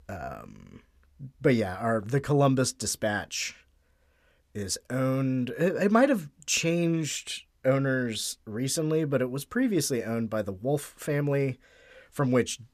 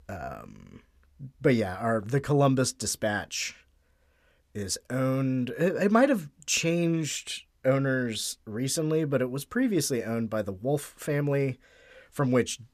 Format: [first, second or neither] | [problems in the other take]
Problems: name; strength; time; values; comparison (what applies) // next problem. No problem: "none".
neither | none